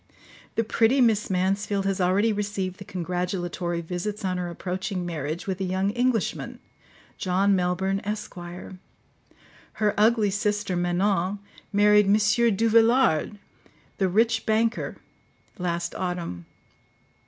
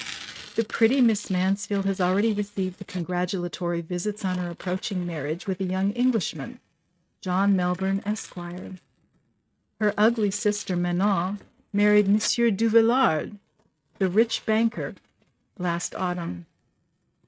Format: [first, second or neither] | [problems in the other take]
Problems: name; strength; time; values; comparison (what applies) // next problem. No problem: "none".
first | noise reduction (neural mask model RNNoise)